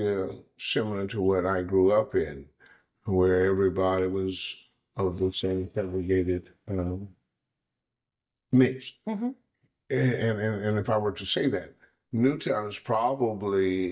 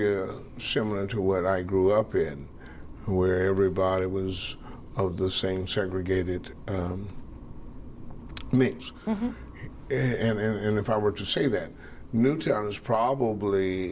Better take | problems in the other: second | noise reduction (neural mask model DeepFilterNet 3)

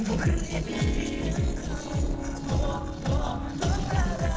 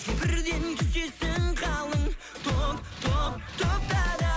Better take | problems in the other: second | noise reduction (neural separator model SepFormer DNS4)

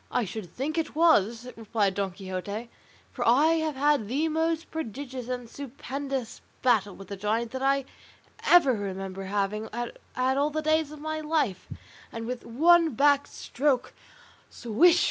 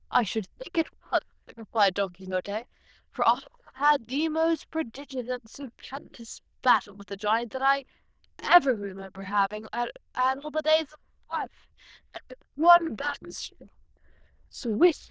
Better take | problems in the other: first | noise reduction (neural diffusion model UNIVERSE++)

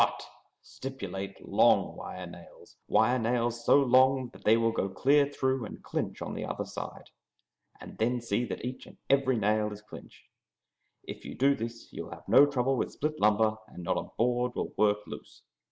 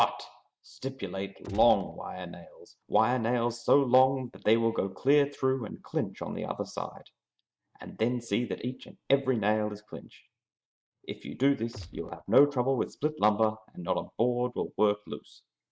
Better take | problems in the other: first | noise reduction (neural mask model RNNoise)

